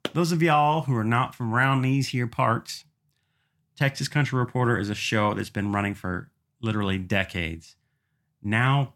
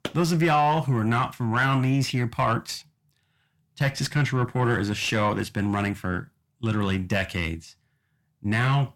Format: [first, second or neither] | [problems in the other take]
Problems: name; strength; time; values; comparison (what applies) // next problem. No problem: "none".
first | distortion; slight; 10 dB below the speech